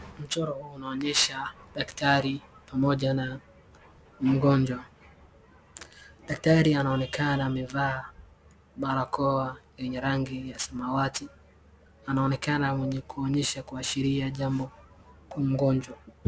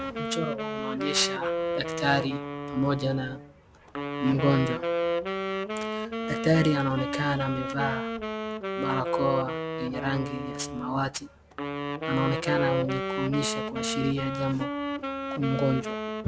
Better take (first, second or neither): first